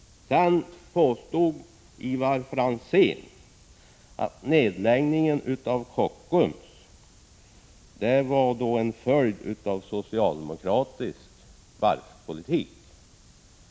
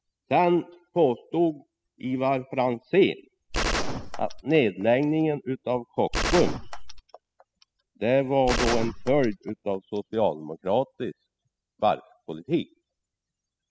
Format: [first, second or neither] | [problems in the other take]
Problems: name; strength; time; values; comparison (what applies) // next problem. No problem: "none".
first | noise reduction (classical method spectral subtraction)